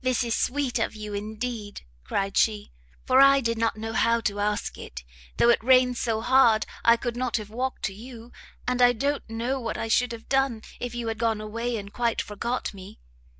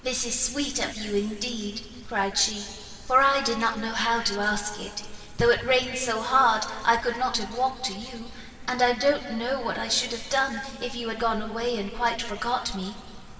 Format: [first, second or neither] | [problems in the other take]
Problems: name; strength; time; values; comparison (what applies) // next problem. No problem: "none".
first | background sound (Rain); 16 dB below the speech // room echo; dies away in 2.4 s